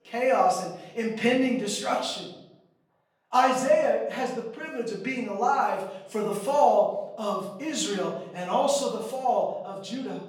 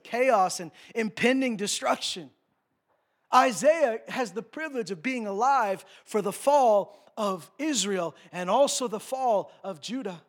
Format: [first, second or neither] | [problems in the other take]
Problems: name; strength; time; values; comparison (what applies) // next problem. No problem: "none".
second | off-mic speech; far // room echo; noticeable; dies away in 0.7 s